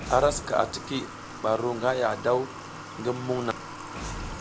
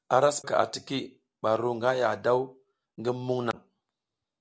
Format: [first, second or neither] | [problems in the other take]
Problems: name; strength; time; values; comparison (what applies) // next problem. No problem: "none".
second | background sound (Water tap, faucet / Water + Boom); 10 dB below the speech